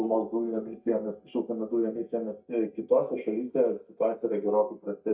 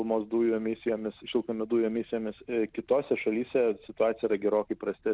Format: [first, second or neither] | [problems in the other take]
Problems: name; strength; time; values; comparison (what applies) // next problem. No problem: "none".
second | noise reduction (neural mask model DeepFilterNet 3)